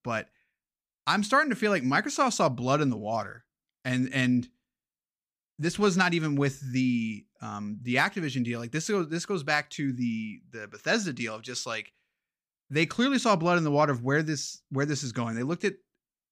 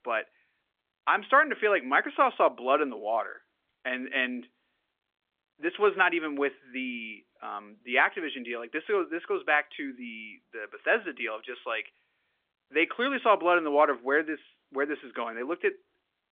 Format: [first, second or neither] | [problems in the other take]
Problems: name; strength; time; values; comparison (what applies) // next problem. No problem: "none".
first | phone-call audio; nothing above 3.5 kHz